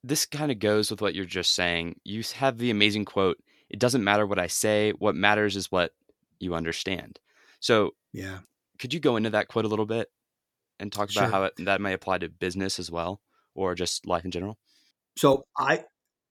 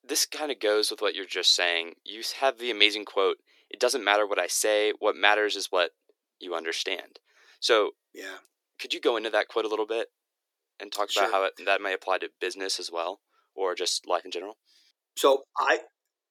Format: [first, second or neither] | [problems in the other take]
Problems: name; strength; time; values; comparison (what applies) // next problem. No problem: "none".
first | thin; very; fading below 350 Hz